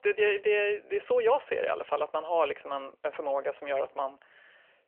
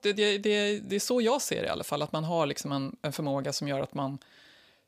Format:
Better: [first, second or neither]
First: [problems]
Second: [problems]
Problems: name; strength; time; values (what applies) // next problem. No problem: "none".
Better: second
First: phone-call audio; nothing above 3 kHz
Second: none